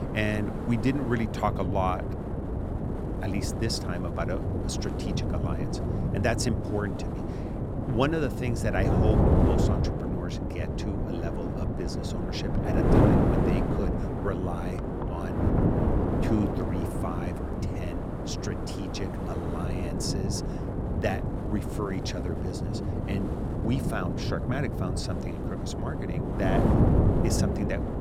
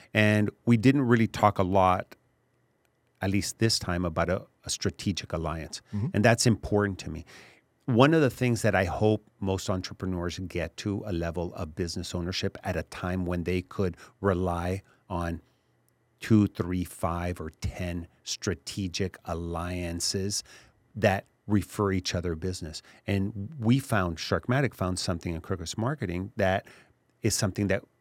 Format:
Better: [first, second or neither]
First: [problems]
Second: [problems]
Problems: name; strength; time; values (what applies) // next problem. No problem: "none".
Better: second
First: wind noise on the microphone; heavy; 1 dB above the speech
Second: none